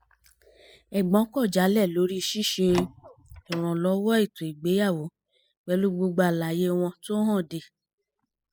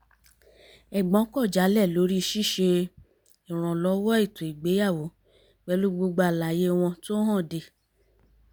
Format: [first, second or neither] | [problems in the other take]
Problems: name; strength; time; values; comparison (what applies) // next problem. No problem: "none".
second | noise reduction (classical method spectral subtraction)